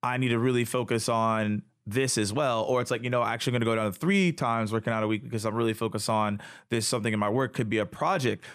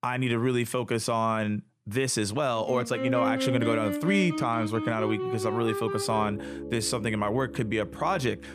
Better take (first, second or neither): first